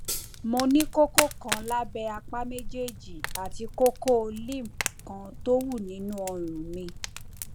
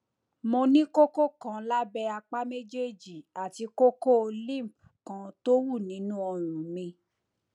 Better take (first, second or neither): second